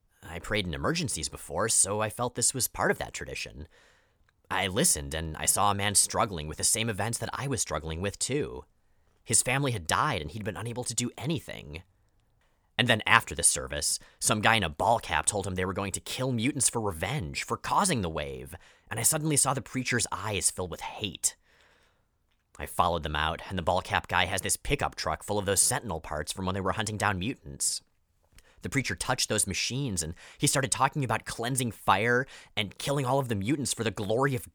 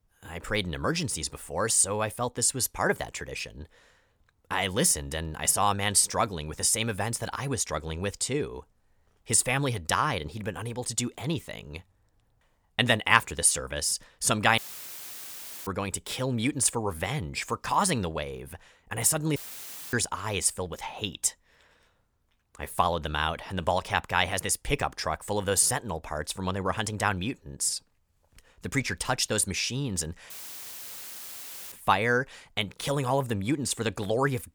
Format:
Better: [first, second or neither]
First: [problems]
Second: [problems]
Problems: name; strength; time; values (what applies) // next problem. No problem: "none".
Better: first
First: none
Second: audio cutting out; filled with static; at 15 s for 1 s, at 19 s for 0.5 s and at 30 s for 1.5 s